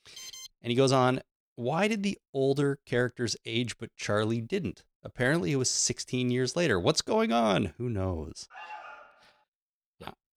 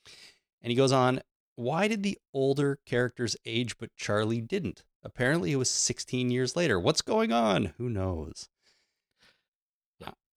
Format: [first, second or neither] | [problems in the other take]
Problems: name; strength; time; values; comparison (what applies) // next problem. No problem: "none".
second | alarm; faint; at the start and at 8.5 s; peak 15 dB below the speech